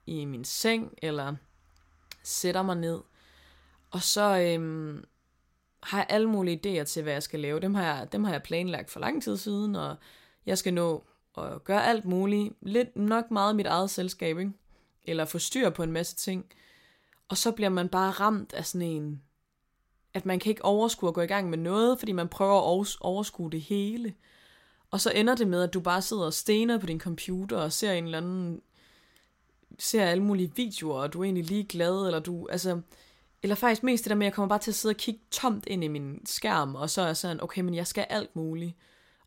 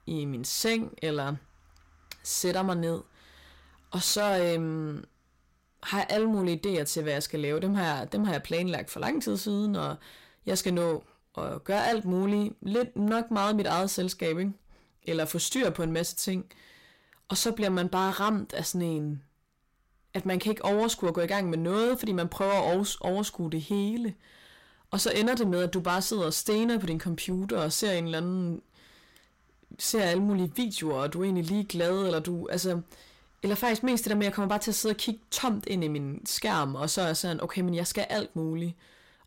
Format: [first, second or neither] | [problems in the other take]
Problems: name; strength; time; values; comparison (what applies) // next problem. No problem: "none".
first | distortion; slight; 10 dB below the speech